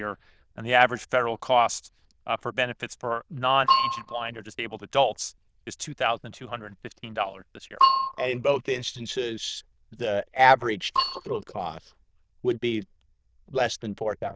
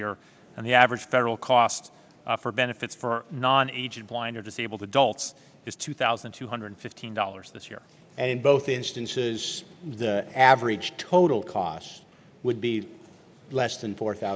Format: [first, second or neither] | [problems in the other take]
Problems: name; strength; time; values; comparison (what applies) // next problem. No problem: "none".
second | noise reduction (neural diffusion model UNIVERSE++)